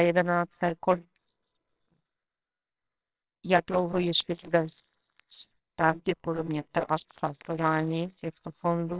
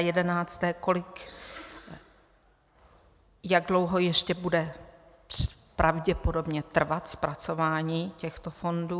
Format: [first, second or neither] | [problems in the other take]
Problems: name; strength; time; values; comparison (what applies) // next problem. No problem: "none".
second | noise reduction (neural separator model SepFormer WHAMR!)